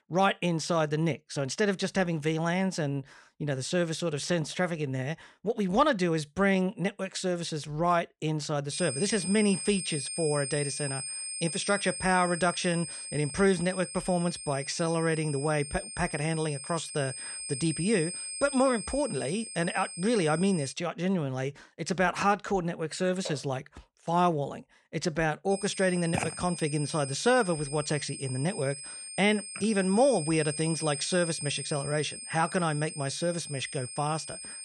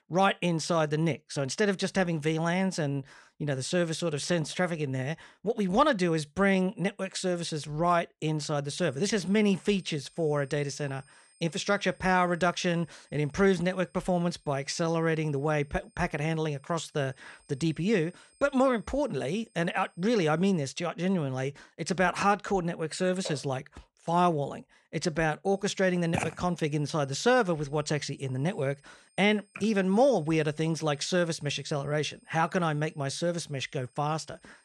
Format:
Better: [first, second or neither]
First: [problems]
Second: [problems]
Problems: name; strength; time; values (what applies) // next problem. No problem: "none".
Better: second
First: high-pitched whine; loud; from 8.5 to 21 s and from 26 s on; 8.5 kHz, 7 dB below the speech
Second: high-pitched whine; faint; from 8.5 to 21 s and from 26 s on; 8.5 kHz, 35 dB below the speech